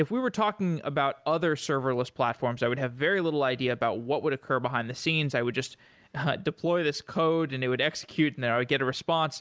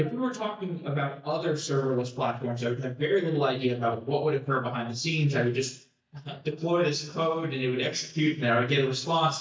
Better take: first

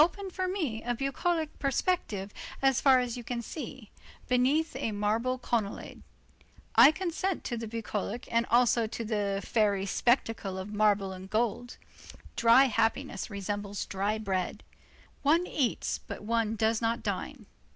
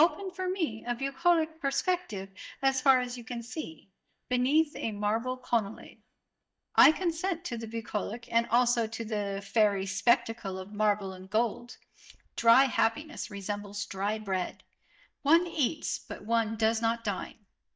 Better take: first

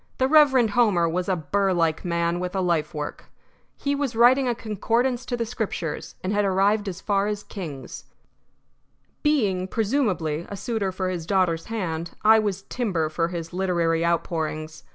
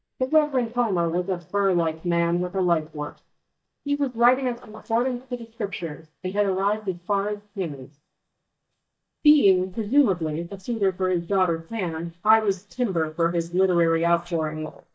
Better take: first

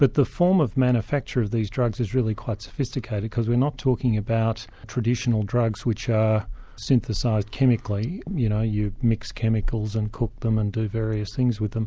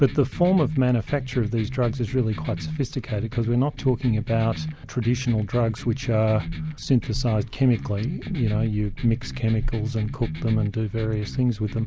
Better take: first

